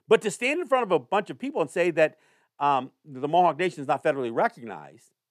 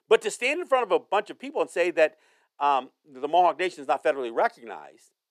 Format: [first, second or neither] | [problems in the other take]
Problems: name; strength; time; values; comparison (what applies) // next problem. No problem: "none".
first | thin; somewhat; fading below 400 Hz